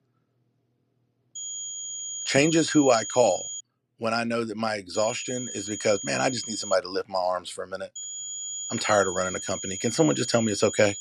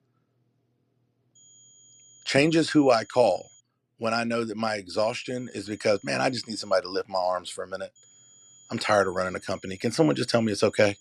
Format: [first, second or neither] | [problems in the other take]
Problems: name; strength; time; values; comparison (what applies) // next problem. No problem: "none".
second | high-pitched whine; loud; from 1.5 to 3.5 s, from 5 to 7 s and from 8 s on; 7 kHz, 7 dB below the speech; faint in the second